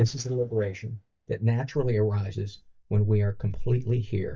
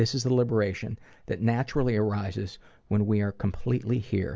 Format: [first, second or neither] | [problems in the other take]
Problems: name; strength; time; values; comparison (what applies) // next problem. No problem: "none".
second | noise reduction (neural mask model DeepFilterNet 3)